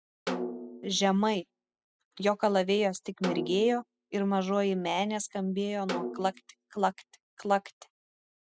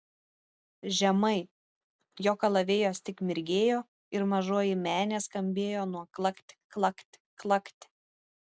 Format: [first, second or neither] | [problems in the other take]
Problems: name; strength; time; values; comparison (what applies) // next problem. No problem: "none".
second | noise reduction (classical method spectral subtraction)